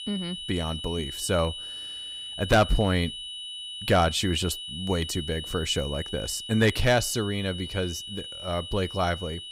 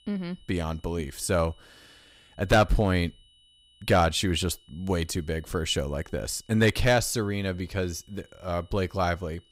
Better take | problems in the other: second | high-pitched whine; loud; throughout; 3 kHz, 8 dB below the speech; faint in the second

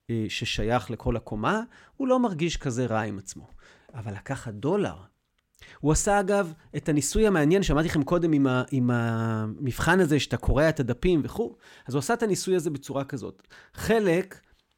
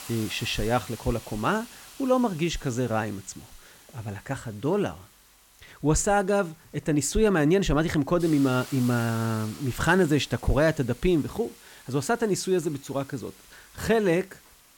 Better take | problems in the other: first | hiss; noticeable; throughout; 20 dB below the speech

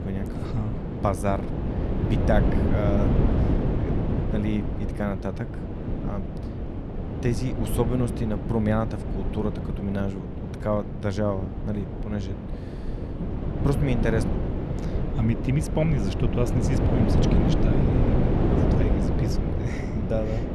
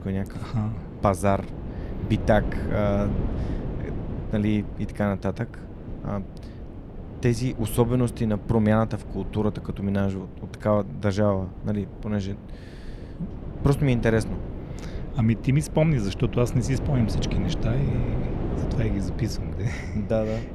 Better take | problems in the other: second | wind noise on the microphone; heavy; 2 dB below the speech; occasional gusts in the second

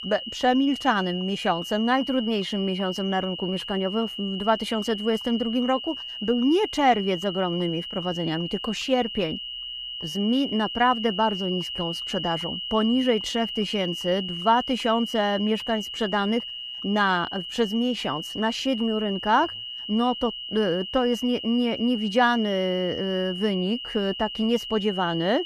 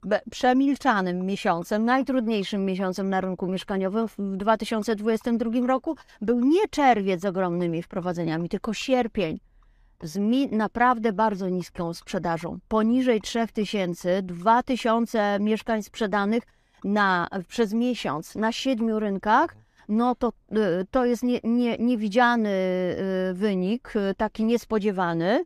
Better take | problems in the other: second | high-pitched whine; loud; throughout; 3 kHz, 7 dB below the speech

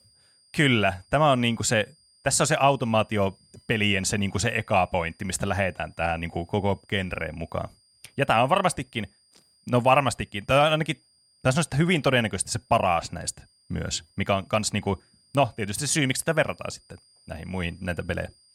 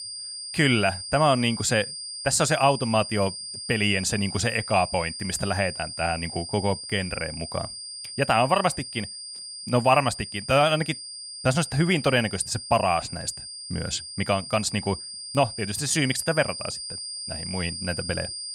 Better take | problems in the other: first | high-pitched whine; loud; throughout; 5 kHz, 9 dB below the speech; faint in the first

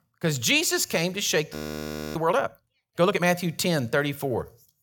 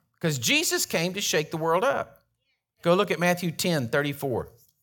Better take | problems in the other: second | audio freezing; at 1.5 s for 0.5 s

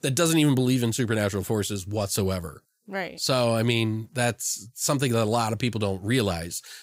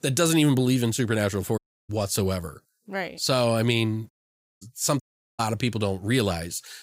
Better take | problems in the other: first | audio cutting out; at 1.5 s, at 4 s for 0.5 s and at 5 s

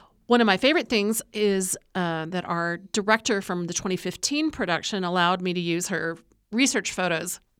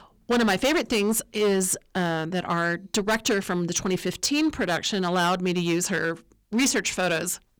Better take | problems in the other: first | distortion; heavy; 10% of the sound clipped

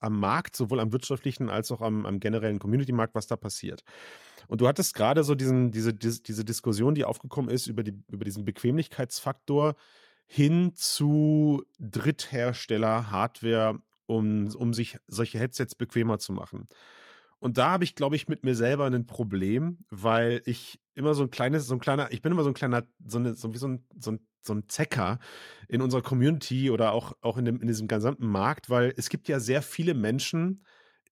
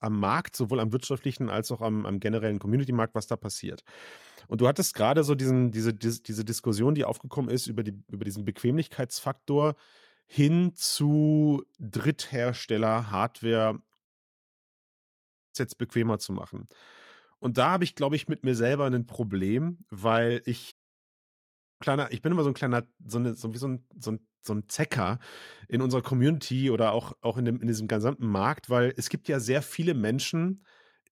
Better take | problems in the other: first | audio cutting out; at 14 s for 1.5 s and at 21 s for 1 s

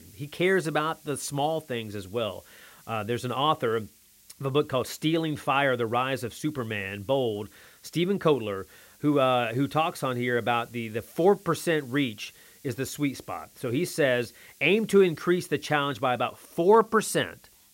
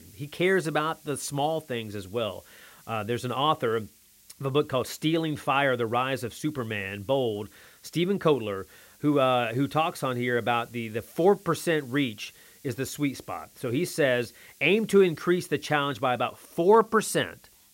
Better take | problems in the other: neither | hiss; faint; throughout; 25 dB below the speech; the same in both

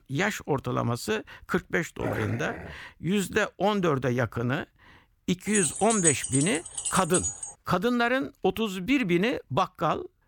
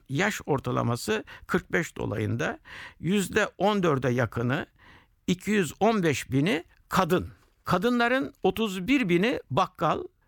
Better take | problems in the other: second | dog barking; noticeable; at 2 s; peak 7 dB below the speech // jangling keys; loud; from 5.5 to 7.5 s; peak 3 dB above the speech

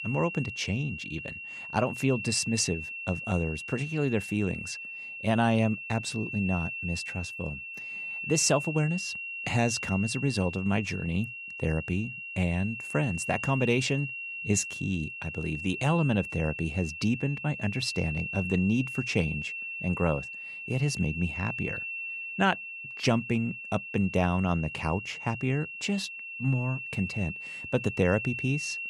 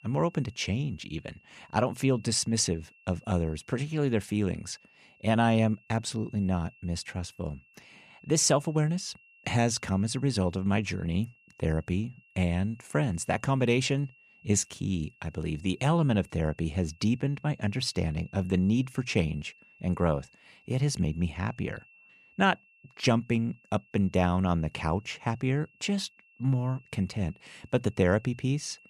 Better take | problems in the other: second | high-pitched whine; loud; throughout; 2.5 kHz, 6 dB below the speech; faint in the second

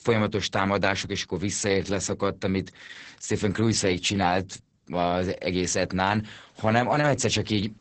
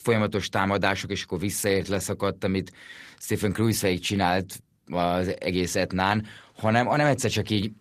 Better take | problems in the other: second | garbled, watery; badly; nothing above 8 kHz; slightly in the second

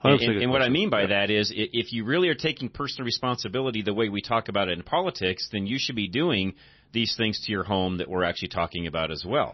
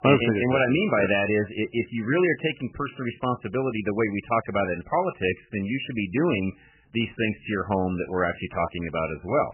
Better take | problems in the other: first | garbled, watery; badly; nothing above 3 kHz; slightly in the first

